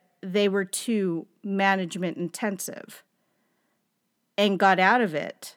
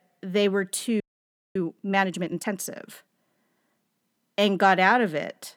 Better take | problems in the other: first | audio freezing; at 1 s for 0.5 s

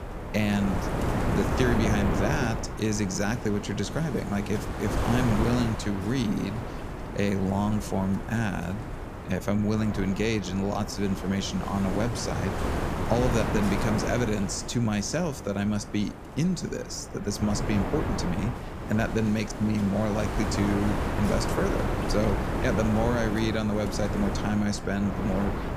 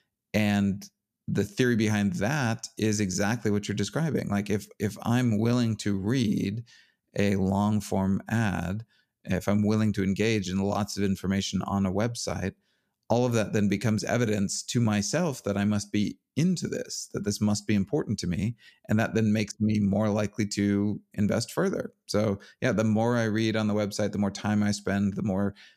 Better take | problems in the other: second | wind noise on the microphone; heavy; 2 dB below the speech

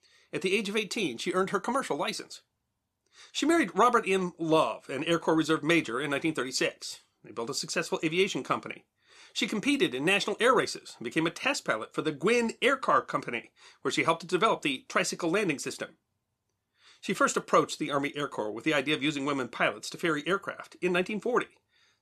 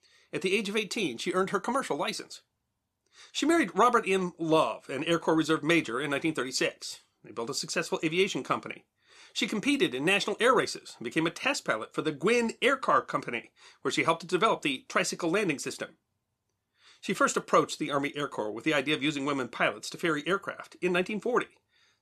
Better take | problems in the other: neither | none

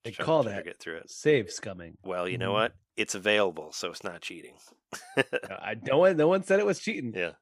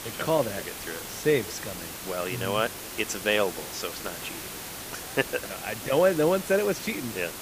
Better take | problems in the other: first | hiss; loud; throughout; 8 dB below the speech

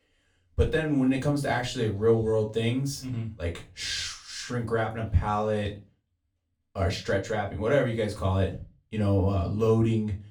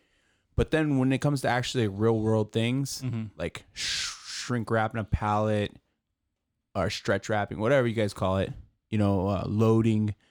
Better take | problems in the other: second | off-mic speech; far // room echo; very slight; dies away in 0.2 s

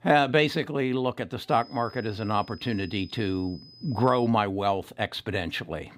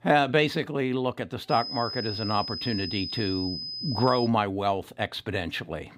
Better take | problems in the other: first | high-pitched whine; loud; from 1.5 to 4.5 s; 5 kHz, 5 dB below the speech; faint in the first

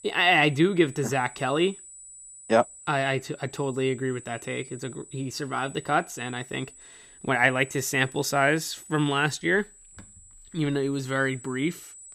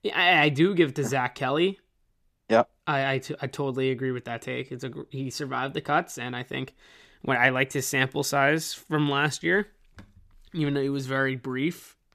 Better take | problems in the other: second | high-pitched whine; noticeable; throughout; 8 kHz, 20 dB below the speech

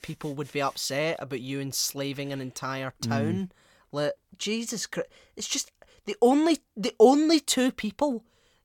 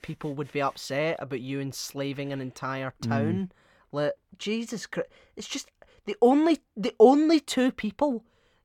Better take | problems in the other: first | muffled; slightly; fading above 3.5 kHz

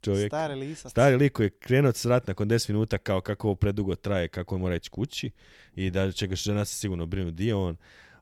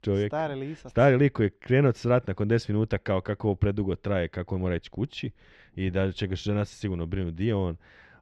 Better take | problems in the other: first | muffled; slightly; fading above 3 kHz

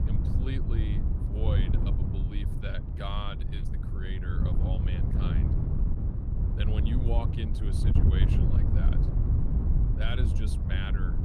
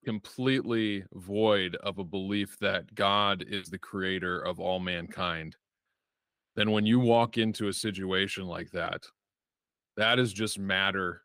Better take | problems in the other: second | wind noise on the microphone; heavy; 1 dB below the speech

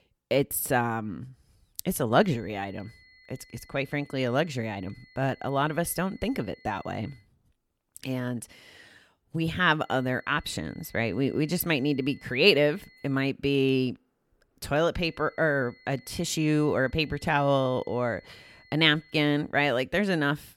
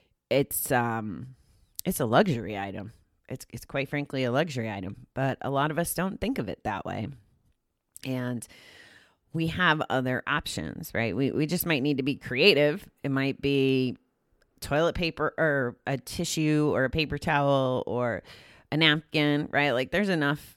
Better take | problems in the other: second | high-pitched whine; faint; from 2 to 7 s, from 10 to 13 s and from 15 to 19 s; 2 kHz, 30 dB below the speech

